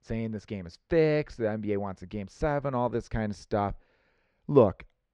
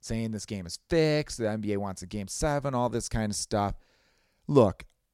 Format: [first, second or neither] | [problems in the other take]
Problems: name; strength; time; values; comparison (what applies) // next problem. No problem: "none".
second | muffled; slightly; fading above 2.5 kHz